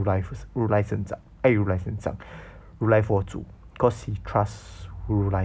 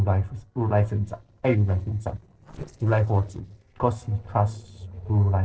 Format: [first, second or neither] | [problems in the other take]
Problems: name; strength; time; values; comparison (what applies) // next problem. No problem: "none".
first | noise reduction (neural separator model SepFormer DNS4)